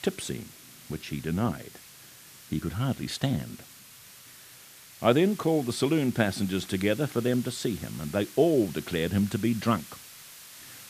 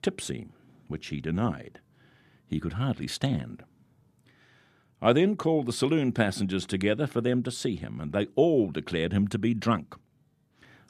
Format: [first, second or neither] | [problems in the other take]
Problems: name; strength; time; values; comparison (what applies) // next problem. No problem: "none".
second | hiss; noticeable; throughout; 15 dB below the speech